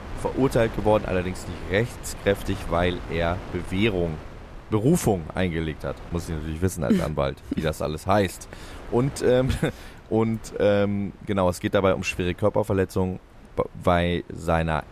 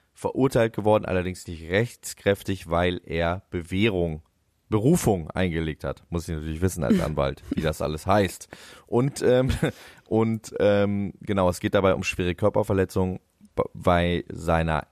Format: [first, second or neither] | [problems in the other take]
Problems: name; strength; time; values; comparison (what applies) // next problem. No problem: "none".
second | wind noise on the microphone; occasional gusts; 15 dB below the speech